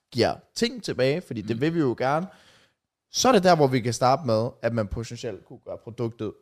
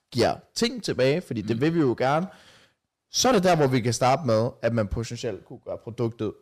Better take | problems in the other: first | distortion; slight; 10 dB below the speech

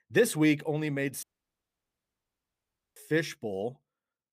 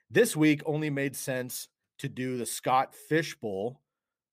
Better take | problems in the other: second | audio cutting out; at 1 s for 1.5 s

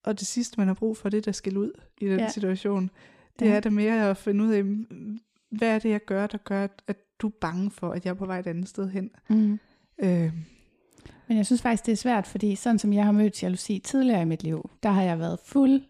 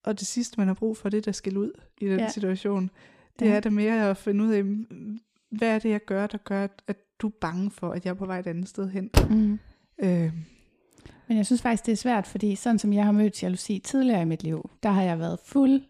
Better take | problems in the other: first | door banging; loud; at 9 s; peak 2 dB above the speech

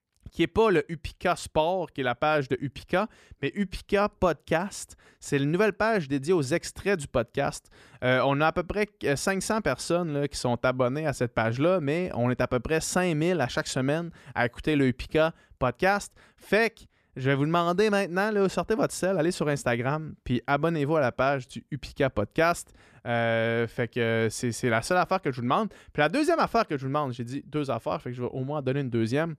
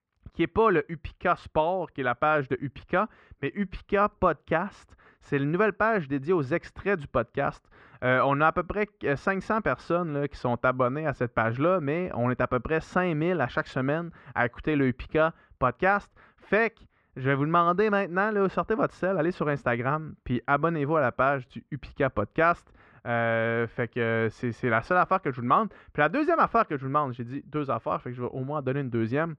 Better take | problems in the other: first | muffled; very; fading above 2 kHz

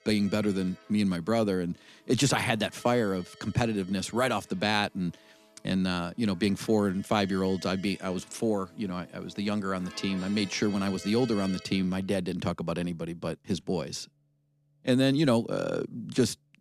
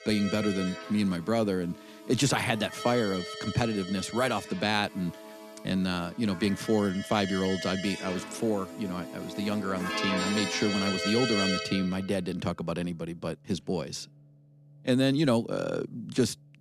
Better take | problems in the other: first | background music; loud; throughout; 6 dB below the speech; faint in the first

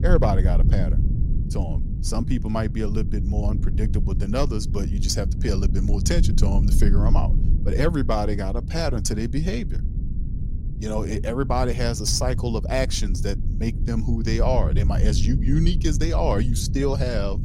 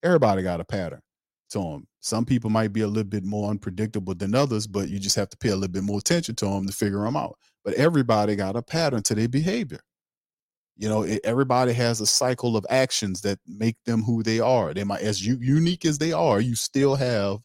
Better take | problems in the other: second | low rumble; noticeable; throughout; 10 dB below the speech

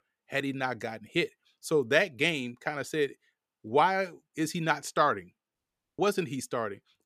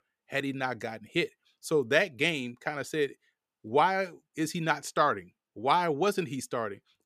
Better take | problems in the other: second | audio cutting out; at 5.5 s

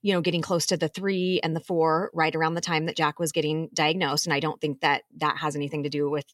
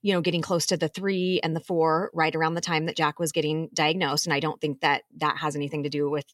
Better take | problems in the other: neither | none

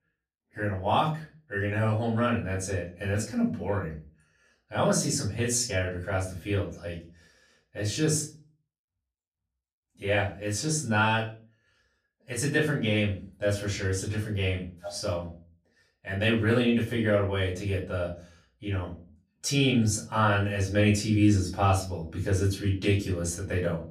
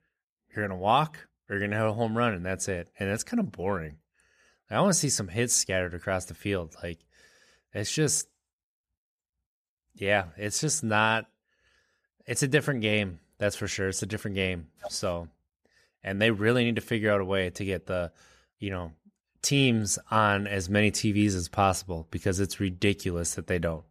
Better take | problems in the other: second | off-mic speech; far // room echo; slight; dies away in 0.4 s

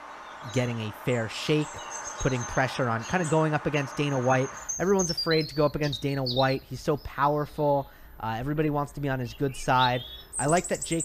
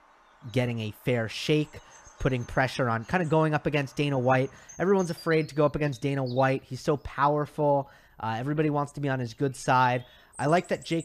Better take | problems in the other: second | animal sounds; loud; throughout; 7 dB below the speech; faint in the second

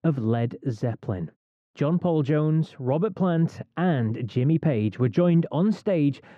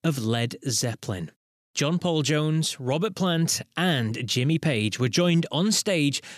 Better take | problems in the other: second | muffled; very; fading above 3 kHz

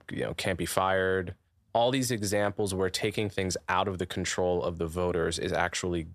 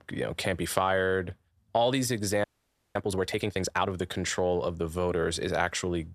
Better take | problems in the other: first | audio freezing; at 2.5 s for 0.5 s

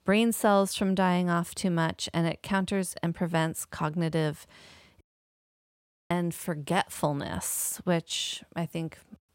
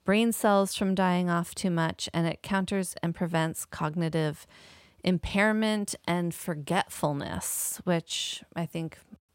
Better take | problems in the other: second | audio cutting out; at 5 s for 1 s

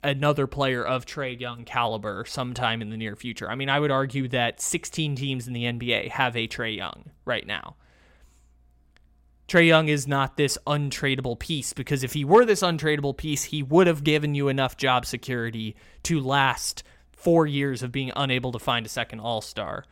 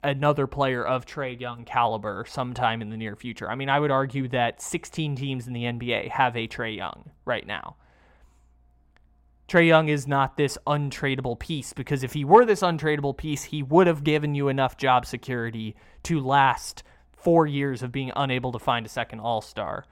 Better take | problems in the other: first | muffled; slightly; fading above 2.5 kHz

